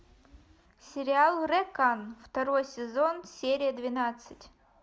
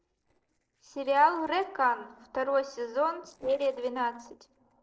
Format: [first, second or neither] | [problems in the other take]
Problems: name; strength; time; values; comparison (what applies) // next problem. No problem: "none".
first | noise reduction (neural separator model SepFormer DNS4)